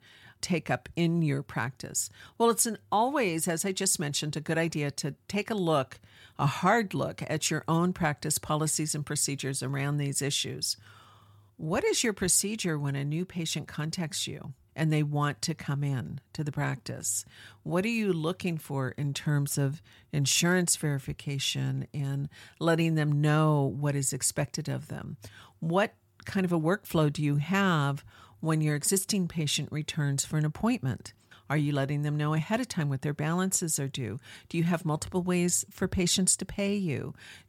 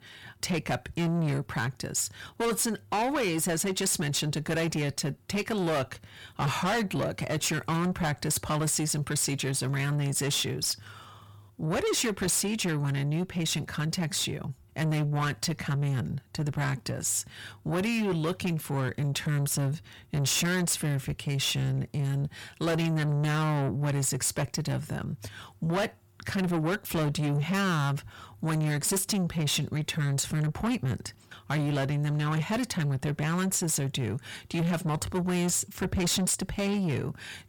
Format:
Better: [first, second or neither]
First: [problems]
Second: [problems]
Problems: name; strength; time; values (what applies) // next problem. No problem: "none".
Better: first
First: none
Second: distortion; heavy; 7 dB below the speech